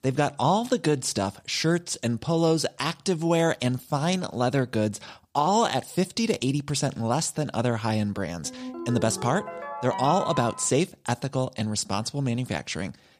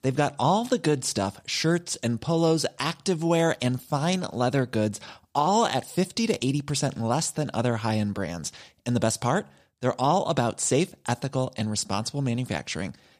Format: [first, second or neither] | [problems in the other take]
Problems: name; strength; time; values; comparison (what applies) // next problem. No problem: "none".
second | phone ringing; noticeable; from 8.5 to 11 s; peak 7 dB below the speech